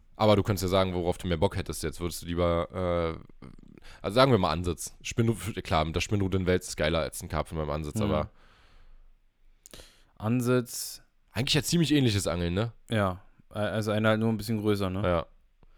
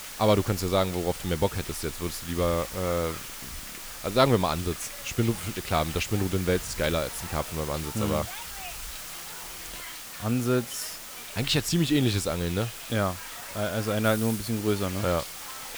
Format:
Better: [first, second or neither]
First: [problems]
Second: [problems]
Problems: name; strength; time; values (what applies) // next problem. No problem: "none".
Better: first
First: none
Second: hiss; loud; throughout; 9 dB below the speech